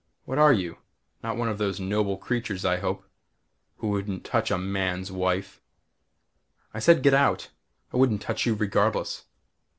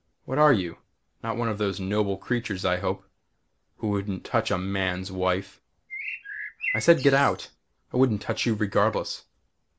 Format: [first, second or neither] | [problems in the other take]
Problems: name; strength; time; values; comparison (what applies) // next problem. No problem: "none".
first | background sound (Bird); 8 dB below the speech